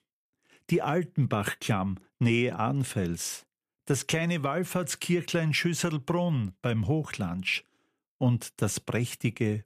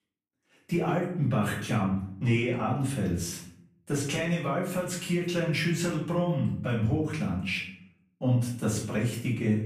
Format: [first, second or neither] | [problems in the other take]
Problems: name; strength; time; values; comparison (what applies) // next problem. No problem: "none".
first | room echo; noticeable; dies away in 0.6 s // off-mic speech; far